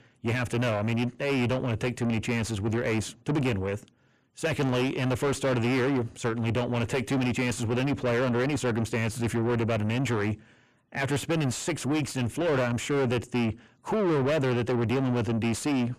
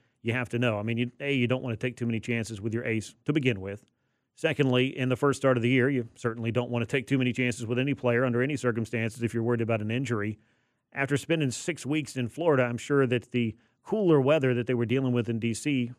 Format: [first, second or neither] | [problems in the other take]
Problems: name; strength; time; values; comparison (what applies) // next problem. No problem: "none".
second | distortion; heavy; 5 dB below the speech